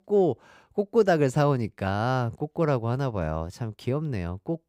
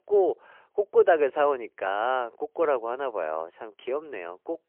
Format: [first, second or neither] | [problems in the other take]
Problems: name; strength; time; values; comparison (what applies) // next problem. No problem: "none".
first | phone-call audio; poor line; nothing above 3 kHz